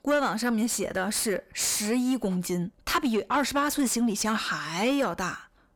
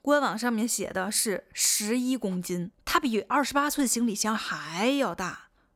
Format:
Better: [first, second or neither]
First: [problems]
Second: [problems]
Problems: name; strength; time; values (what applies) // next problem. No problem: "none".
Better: second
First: distortion; slight; 10 dB below the speech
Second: none